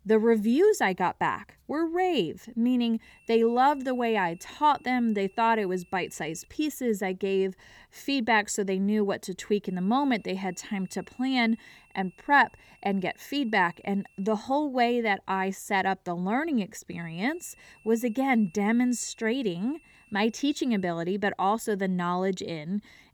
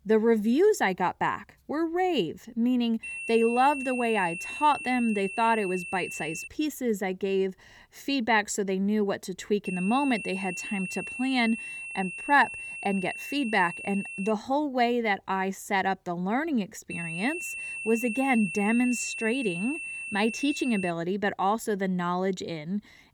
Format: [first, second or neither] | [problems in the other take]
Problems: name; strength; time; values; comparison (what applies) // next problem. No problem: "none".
first | high-pitched whine; loud; from 3 to 6.5 s, from 9.5 to 14 s and from 17 to 21 s; 2.5 kHz, 7 dB below the speech; faint in the first